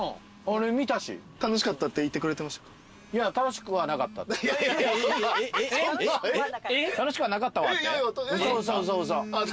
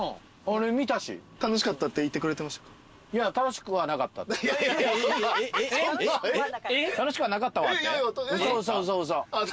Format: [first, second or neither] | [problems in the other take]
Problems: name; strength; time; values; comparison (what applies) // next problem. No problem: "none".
second | background sound (Telephone); 19 dB below the speech